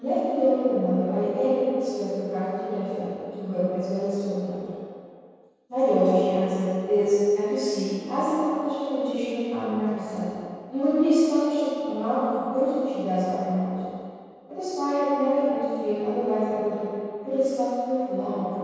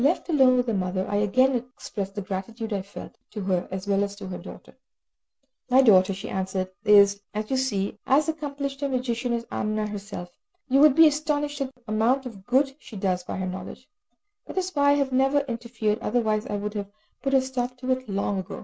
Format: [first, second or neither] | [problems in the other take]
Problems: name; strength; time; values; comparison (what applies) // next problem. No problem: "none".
second | room echo; dies away in 2.2 s